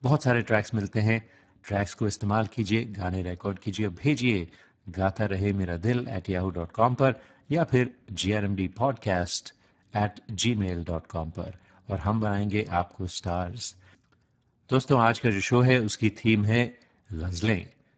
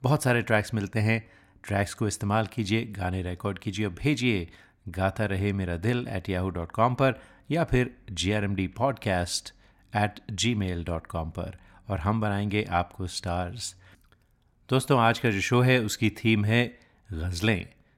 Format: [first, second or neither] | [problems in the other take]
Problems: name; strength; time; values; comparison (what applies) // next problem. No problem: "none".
second | garbled, watery; badly; nothing above 7.5 kHz